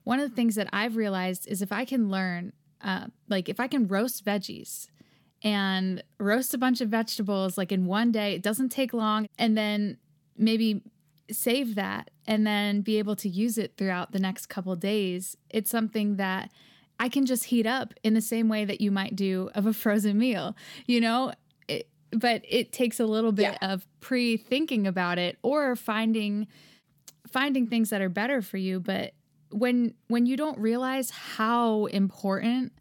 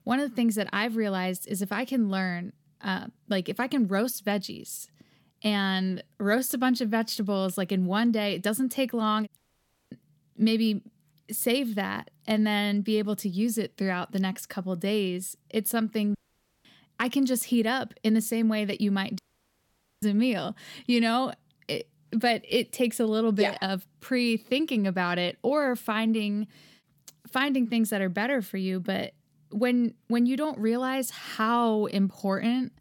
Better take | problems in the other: first | audio cutting out; at 9.5 s for 0.5 s, at 16 s for 0.5 s and at 19 s for 1 s

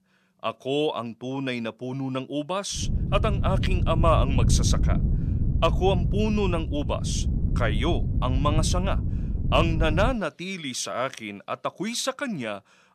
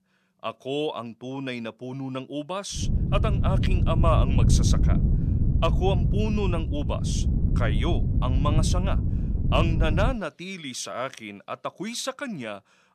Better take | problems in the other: first | wind noise on the microphone; heavy; from 3 to 10 s; 6 dB below the speech; occasional gusts in the first

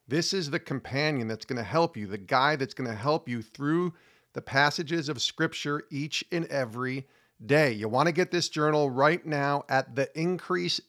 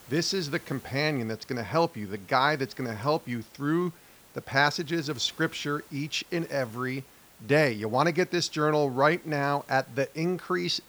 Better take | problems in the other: first | hiss; faint; throughout; 25 dB below the speech

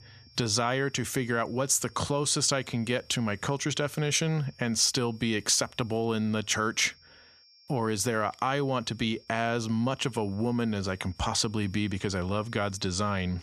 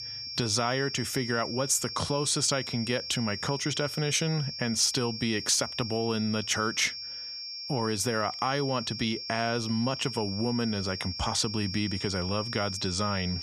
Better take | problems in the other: first | high-pitched whine; loud; throughout; 5.5 kHz, 6 dB below the speech; faint in the first

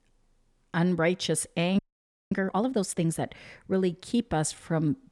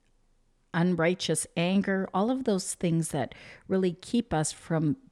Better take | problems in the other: second | audio freezing; at 2 s for 0.5 s

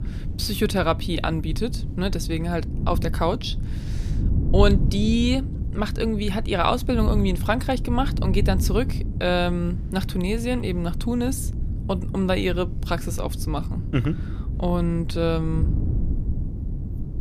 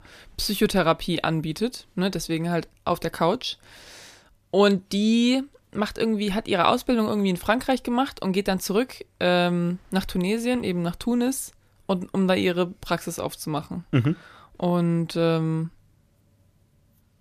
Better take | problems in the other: second | wind noise on the microphone; occasional gusts; 15 dB below the speech

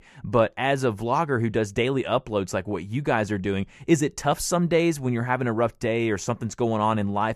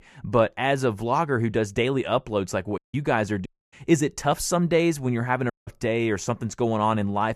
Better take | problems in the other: first | audio cutting out; at 3 s, at 3.5 s and at 5.5 s

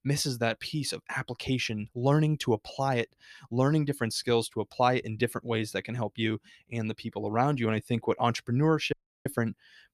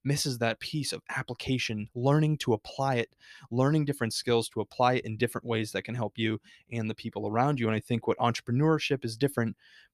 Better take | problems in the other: second | audio cutting out; at 9 s

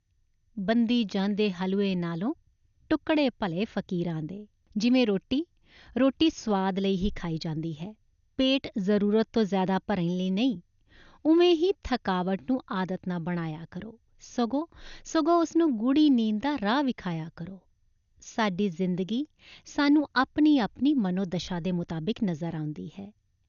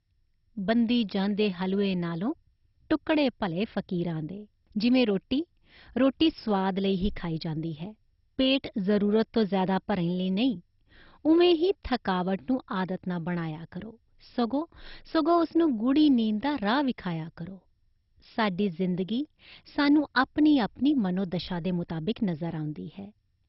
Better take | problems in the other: first | garbled, watery; badly; nothing above 5.5 kHz; slightly in the first

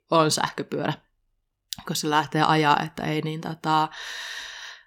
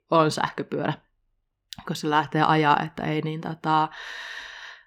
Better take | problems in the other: first | muffled; slightly; fading above 4 kHz

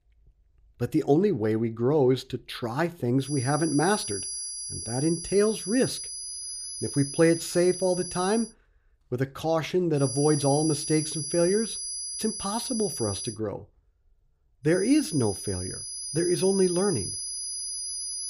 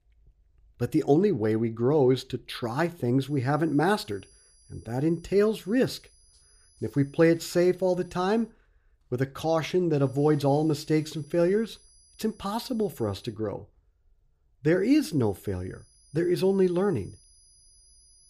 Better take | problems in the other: second | high-pitched whine; loud; from 3.5 to 8.5 s, from 10 to 13 s and from 15 s on; 10.5 kHz, 6 dB below the speech; faint in the second

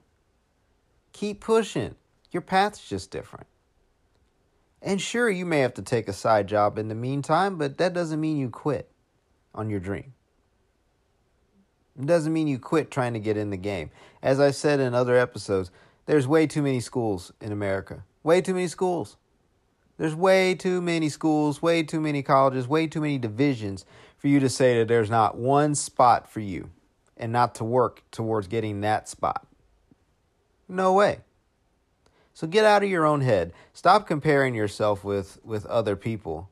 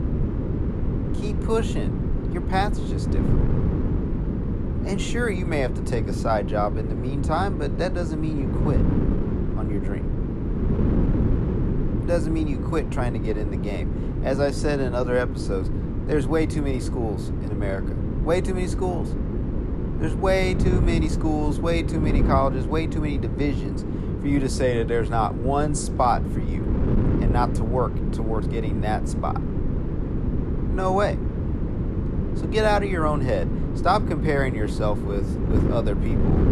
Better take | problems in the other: first | wind noise on the microphone; heavy; 7 dB below the speech

